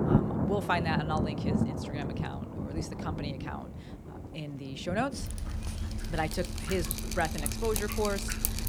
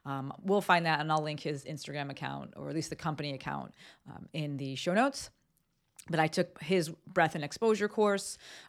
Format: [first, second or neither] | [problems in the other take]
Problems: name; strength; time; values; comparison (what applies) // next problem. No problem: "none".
second | rain or running water; very loud; throughout; 1 dB above the speech